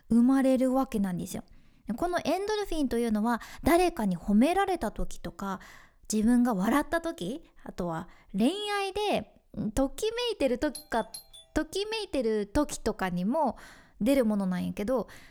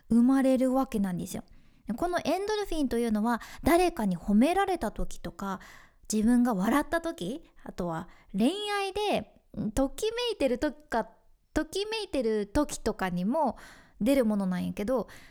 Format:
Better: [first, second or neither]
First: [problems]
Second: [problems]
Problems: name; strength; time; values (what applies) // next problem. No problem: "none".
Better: second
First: doorbell; faint; at 11 s; peak 15 dB below the speech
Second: none